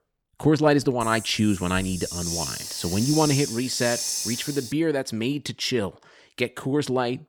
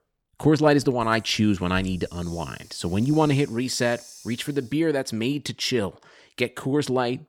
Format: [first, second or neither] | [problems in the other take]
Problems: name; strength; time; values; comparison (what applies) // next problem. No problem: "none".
second | hiss; loud; from 1 to 4.5 s; 5 dB below the speech; faint in the second